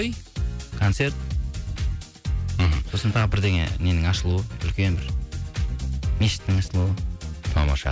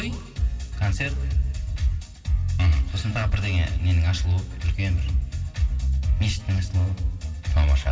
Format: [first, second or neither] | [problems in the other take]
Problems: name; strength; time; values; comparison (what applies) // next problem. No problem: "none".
first | room echo; dies away in 2.5 s